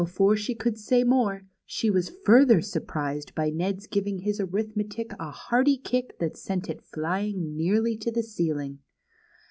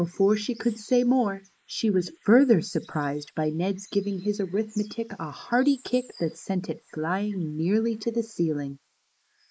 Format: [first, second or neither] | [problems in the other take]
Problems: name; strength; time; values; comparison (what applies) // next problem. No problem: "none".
first | noise reduction (neural mask model Resemble Enhance denoiser)